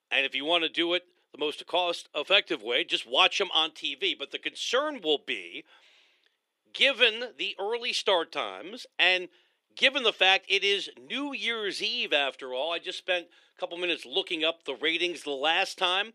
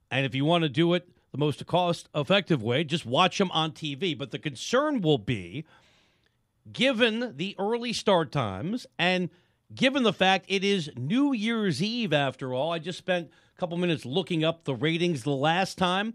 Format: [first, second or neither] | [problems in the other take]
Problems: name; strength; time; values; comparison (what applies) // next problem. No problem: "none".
second | thin; somewhat; fading below 350 Hz